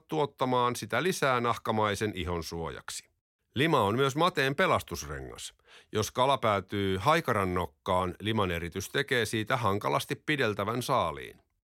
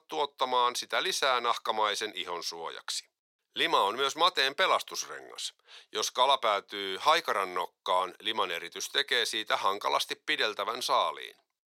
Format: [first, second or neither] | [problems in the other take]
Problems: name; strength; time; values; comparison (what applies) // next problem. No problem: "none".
first | thin; very; fading below 550 Hz